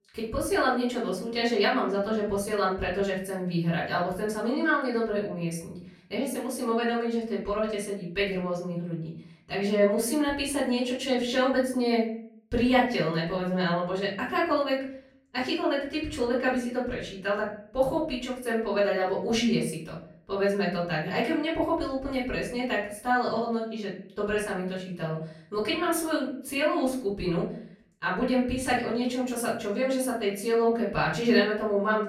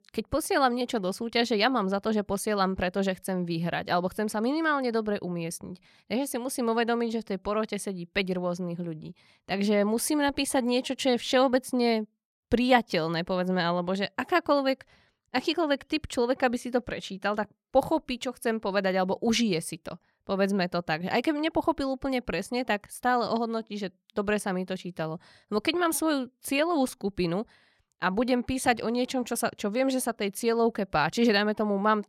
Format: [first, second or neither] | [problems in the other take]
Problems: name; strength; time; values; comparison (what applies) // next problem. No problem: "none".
second | off-mic speech; far // room echo; slight; dies away in 0.5 s